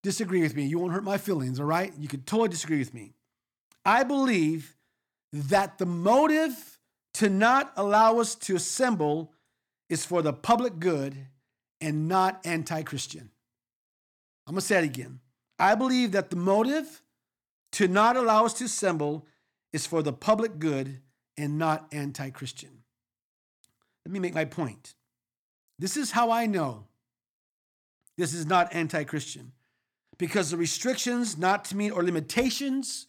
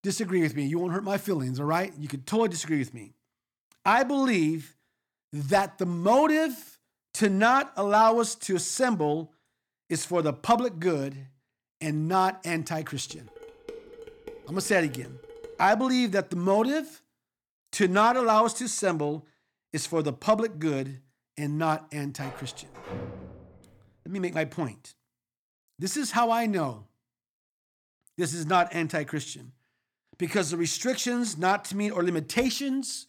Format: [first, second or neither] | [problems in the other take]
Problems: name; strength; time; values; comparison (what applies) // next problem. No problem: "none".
first | clattering dishes; faint; from 13 to 16 s; peak 15 dB below the speech // door banging; faint; from 22 to 24 s; peak 10 dB below the speech